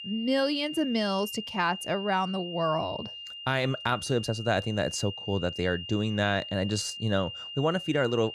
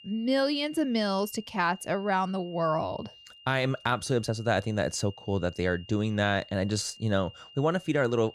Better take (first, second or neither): second